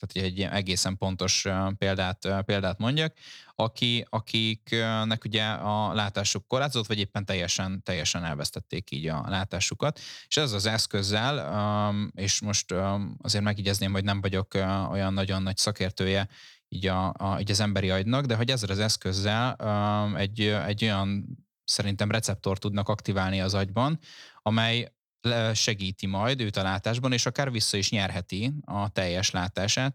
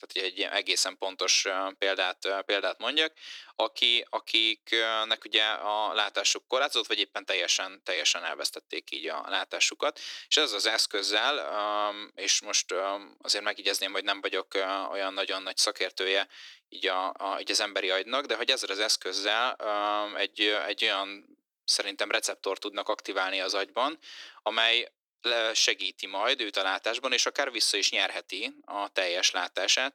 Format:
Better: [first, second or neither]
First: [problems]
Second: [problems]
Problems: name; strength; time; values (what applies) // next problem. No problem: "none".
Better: first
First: none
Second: thin; very; fading below 300 Hz